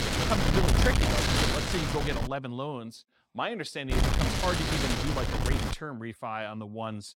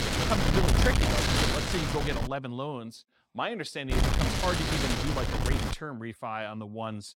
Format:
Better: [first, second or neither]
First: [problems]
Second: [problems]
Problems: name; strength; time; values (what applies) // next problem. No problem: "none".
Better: neither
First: wind noise on the microphone; heavy; until 2.5 s and from 4 to 5.5 s; 4 dB above the speech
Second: wind noise on the microphone; heavy; until 2.5 s and from 4 to 5.5 s; 4 dB above the speech